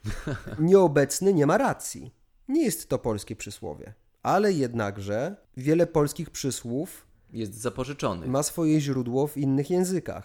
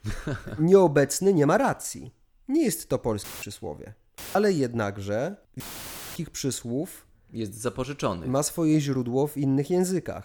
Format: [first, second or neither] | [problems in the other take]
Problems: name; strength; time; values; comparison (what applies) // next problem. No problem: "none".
first | audio cutting out; filled with static; at 3 s, at 4 s and at 5.5 s for 0.5 s